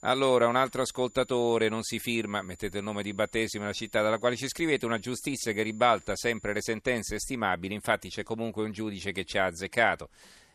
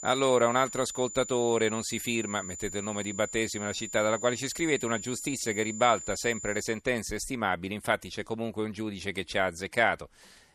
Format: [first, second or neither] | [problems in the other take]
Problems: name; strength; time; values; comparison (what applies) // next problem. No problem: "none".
first | high-pitched whine; loud; until 6.5 s; 7 kHz, 9 dB below the speech; faint in the first